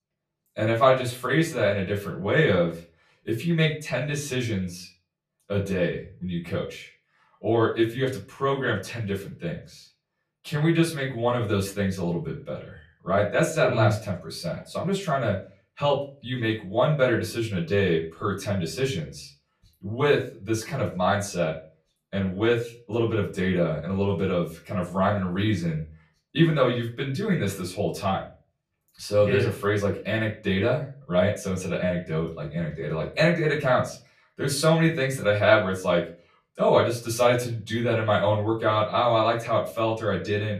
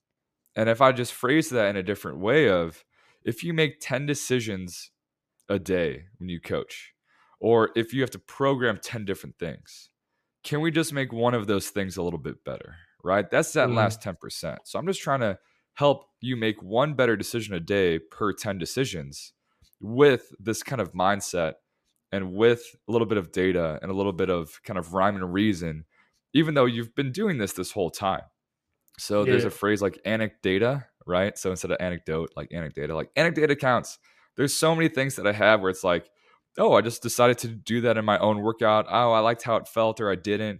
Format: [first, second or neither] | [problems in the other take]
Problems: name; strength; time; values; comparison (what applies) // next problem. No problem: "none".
second | off-mic speech; far // room echo; very slight; dies away in 0.3 s